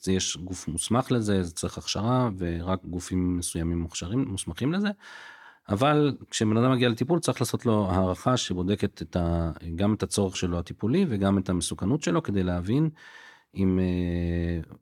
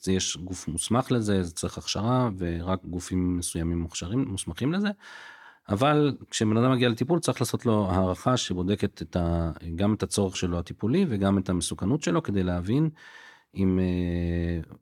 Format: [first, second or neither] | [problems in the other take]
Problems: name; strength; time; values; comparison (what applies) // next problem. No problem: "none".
neither | none